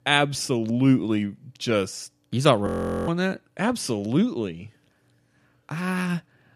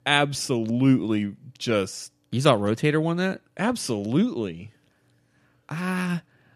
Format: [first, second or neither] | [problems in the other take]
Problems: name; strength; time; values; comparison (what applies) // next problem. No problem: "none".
second | audio freezing; at 2.5 s